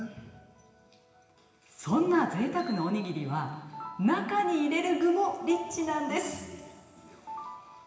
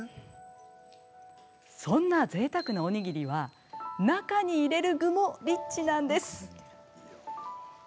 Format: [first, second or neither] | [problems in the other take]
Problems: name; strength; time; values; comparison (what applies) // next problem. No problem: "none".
second | room echo; dies away in 2 s